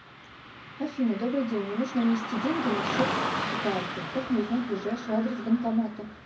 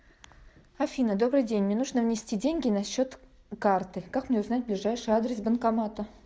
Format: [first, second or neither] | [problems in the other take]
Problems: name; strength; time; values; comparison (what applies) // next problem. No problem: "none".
second | background sound (Car passing by / Traffic noise, roadway noise); 5 dB below the speech // room echo; dies away in 0.4 s